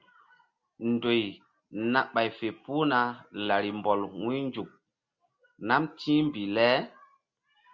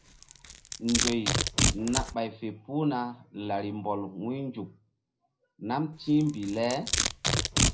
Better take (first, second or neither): first